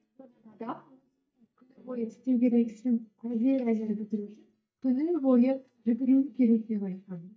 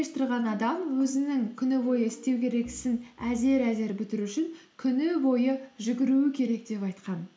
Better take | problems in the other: second | noise reduction (neural mask model DeepFilterNet 3)

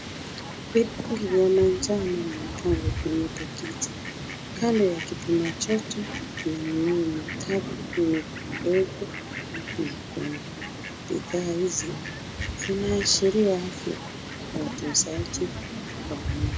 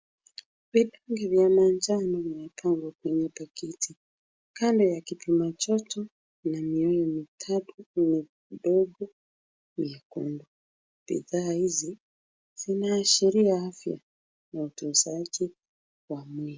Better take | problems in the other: second | background sound (Fowl); 6 dB below the speech

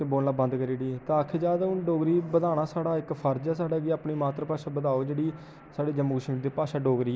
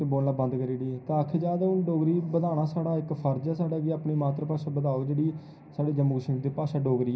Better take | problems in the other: first | room echo; dies away in 0.4 s

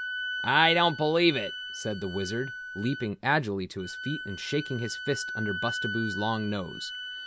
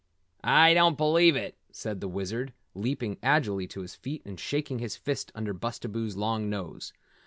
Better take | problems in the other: second | background sound (Wind instrument, woodwind instrument); 8 dB below the speech

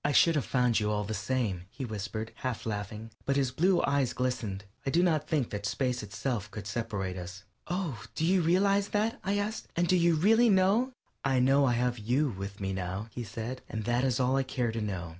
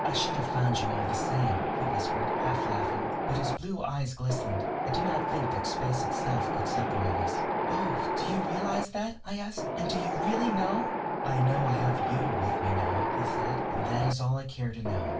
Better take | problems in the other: first | background sound (Wind); 1 dB above the speech // room echo; dies away in 0.2 s

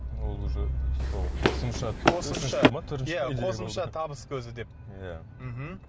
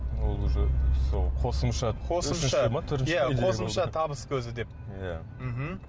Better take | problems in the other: second | background sound (Run); 4 dB above the speech

